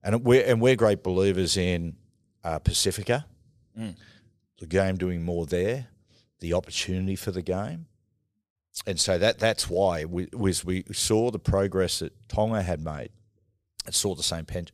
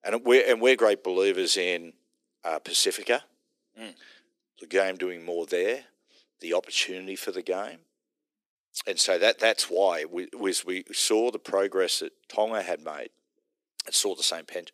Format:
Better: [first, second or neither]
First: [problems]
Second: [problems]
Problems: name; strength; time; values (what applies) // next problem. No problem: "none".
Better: first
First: none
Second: thin; somewhat; fading below 300 Hz